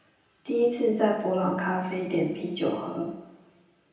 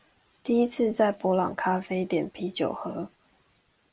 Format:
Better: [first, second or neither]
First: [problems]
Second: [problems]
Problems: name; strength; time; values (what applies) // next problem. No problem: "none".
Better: second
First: room echo; dies away in 0.9 s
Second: none